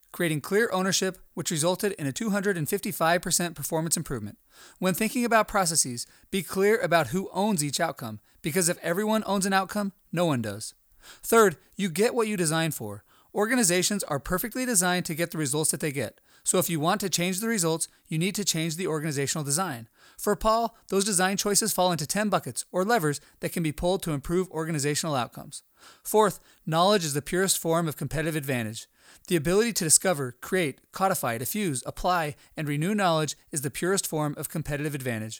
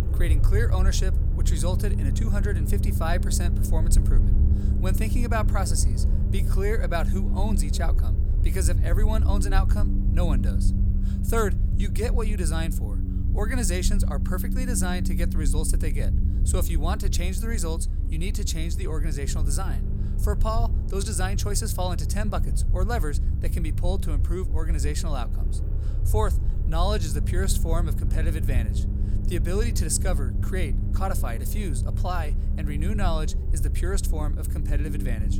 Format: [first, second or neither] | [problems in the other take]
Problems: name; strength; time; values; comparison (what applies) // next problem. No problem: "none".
first | low rumble; loud; throughout; 8 dB below the speech